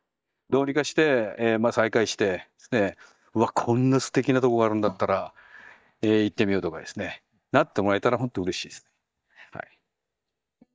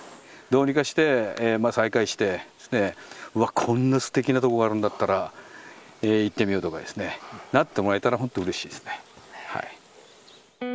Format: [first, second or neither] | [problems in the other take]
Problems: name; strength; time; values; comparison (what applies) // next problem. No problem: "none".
second | noise reduction (neural mask model DeepFilterNet 3)